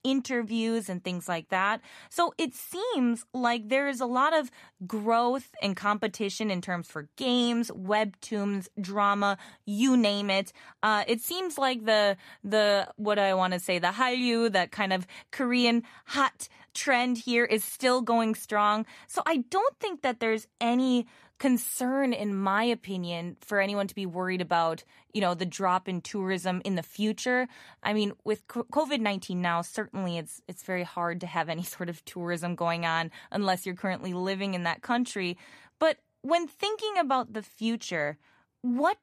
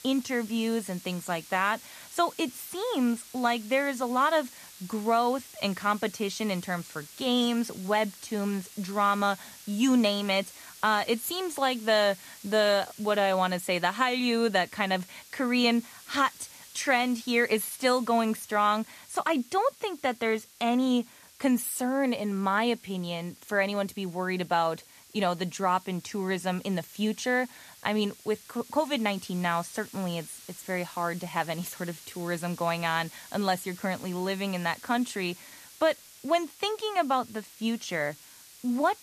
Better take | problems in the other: first | hiss; noticeable; throughout; 20 dB below the speech

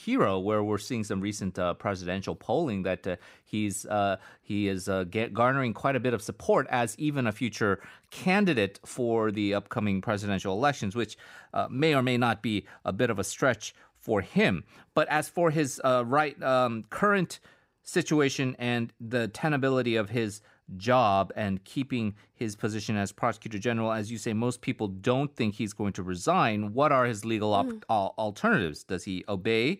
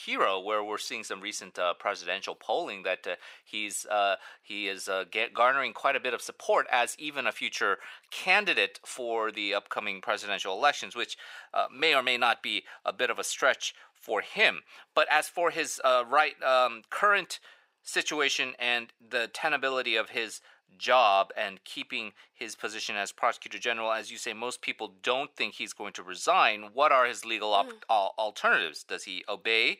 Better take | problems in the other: first | thin; very; fading below 700 Hz

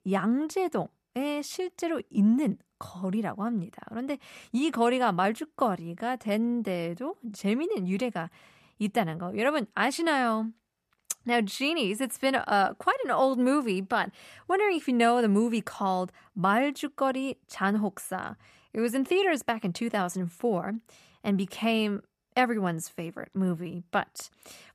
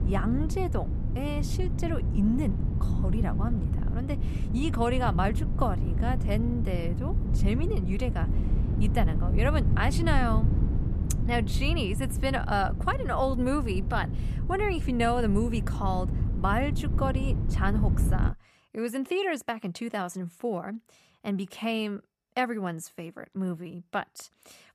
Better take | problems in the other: first | wind noise on the microphone; heavy; until 18 s; 10 dB below the speech

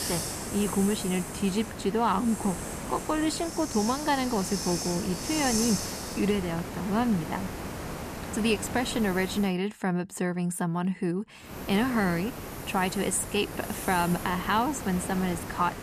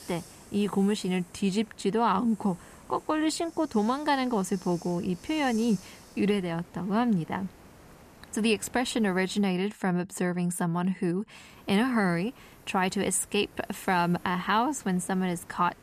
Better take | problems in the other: second | hiss; loud; until 9.5 s and from 11 s on; 6 dB below the speech; faint in the second

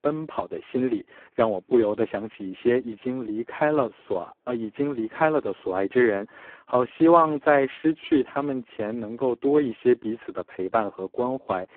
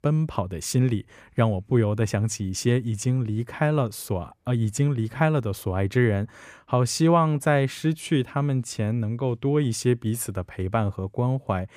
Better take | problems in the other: second | phone-call audio; poor line

